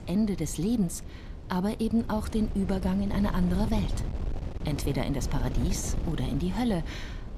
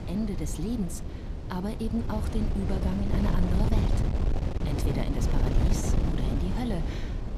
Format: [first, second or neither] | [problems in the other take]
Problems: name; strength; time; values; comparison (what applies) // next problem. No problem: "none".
first | wind noise on the microphone; heavy; 1 dB below the speech; occasional gusts in the first